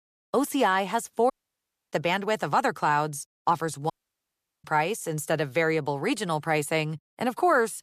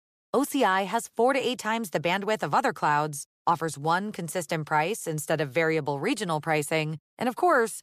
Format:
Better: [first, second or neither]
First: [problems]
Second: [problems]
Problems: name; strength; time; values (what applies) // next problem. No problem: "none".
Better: second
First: audio cutting out; at 1.5 s for 0.5 s and at 4 s for 0.5 s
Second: none